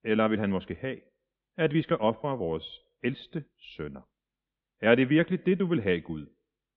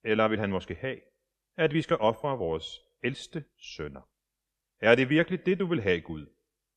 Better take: second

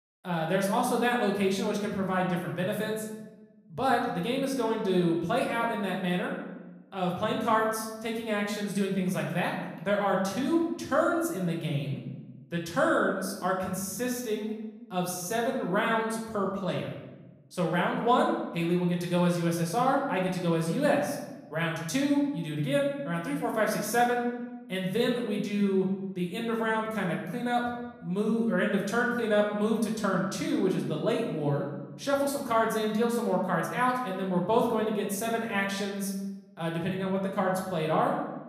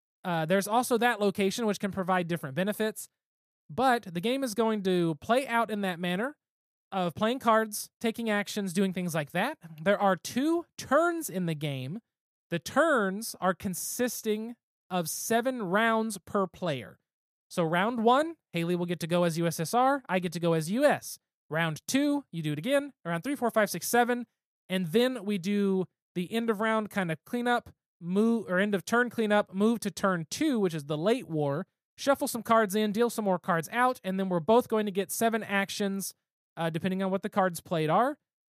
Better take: second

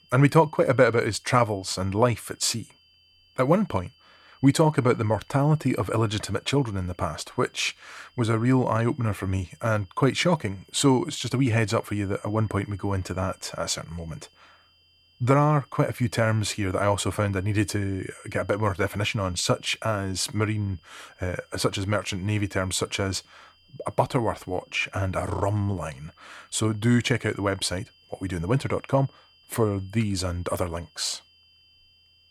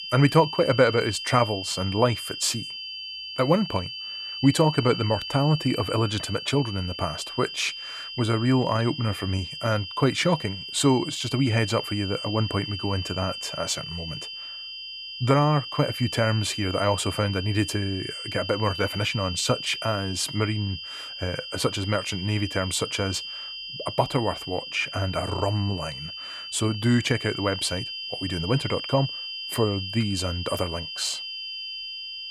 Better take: first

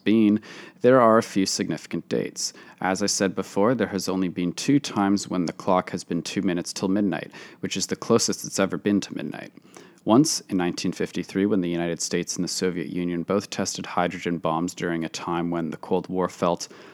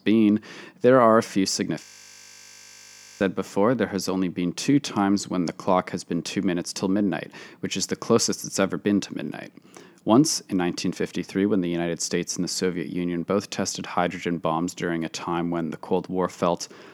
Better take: first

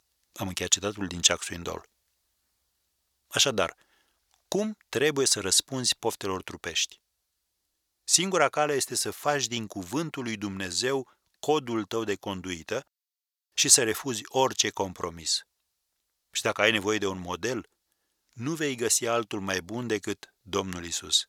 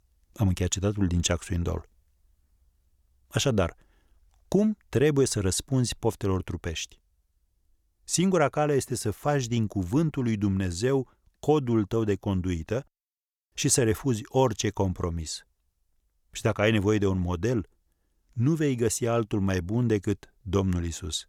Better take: second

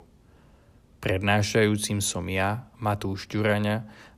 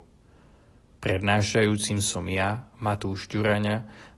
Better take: first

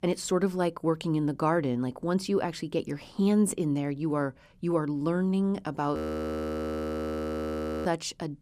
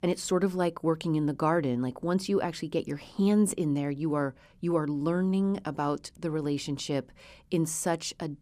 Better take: second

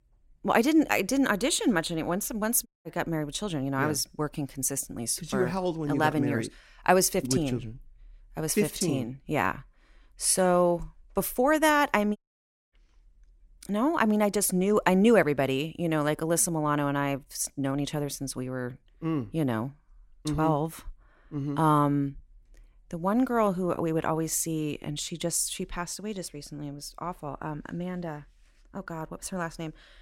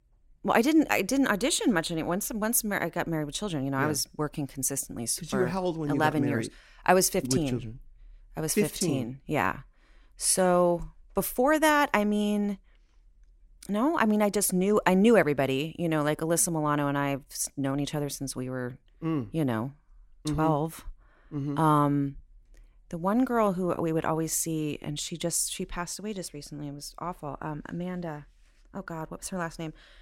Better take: second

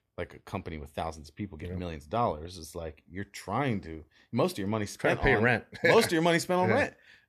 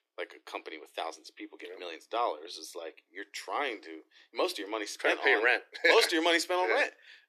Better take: first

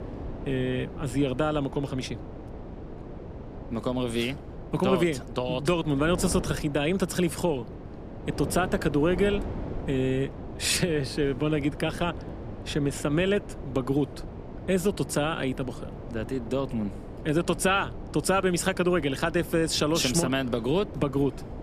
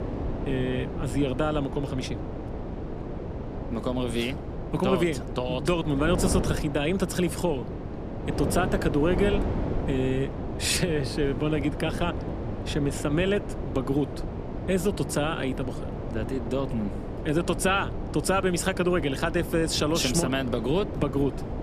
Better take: first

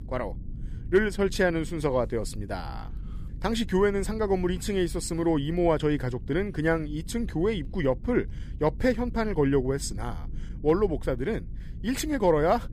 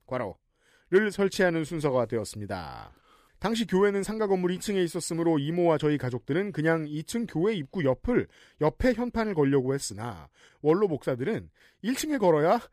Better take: second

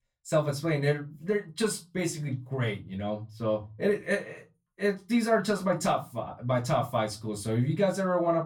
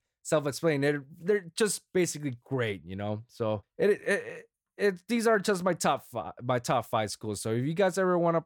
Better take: second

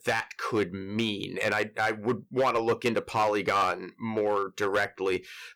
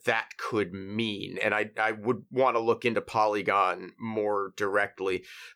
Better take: second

